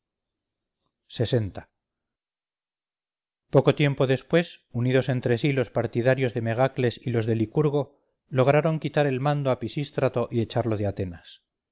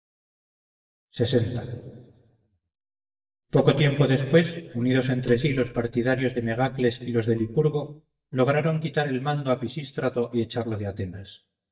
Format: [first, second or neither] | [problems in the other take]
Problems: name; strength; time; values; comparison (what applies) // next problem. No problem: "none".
first | noise reduction (neural mask model DeepFilterNet 3)